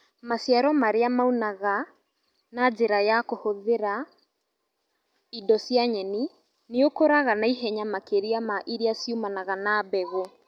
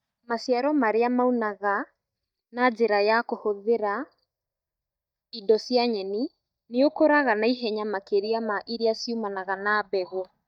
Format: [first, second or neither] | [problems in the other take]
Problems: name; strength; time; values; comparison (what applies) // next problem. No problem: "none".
first | noise reduction (neural mask model DeepFilterNet 3)